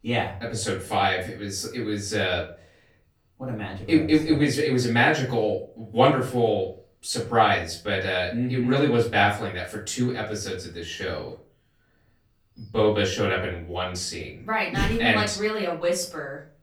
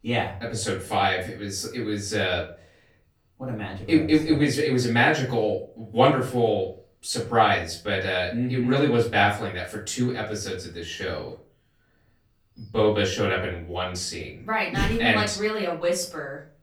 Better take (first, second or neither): neither